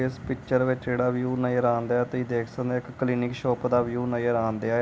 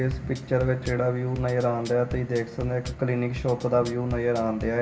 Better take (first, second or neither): first